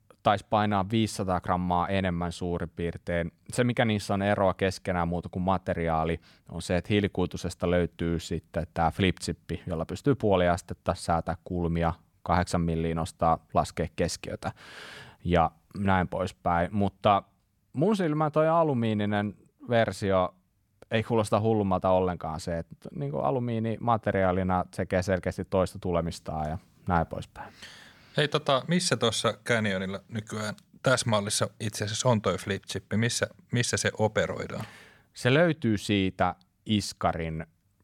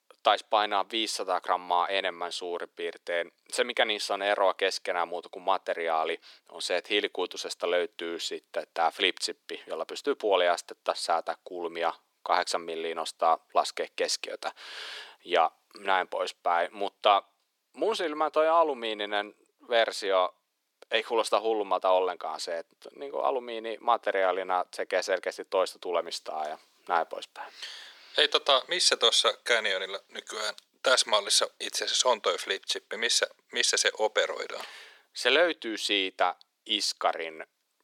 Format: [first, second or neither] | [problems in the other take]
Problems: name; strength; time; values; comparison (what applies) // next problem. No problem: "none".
first | thin; very; fading below 350 Hz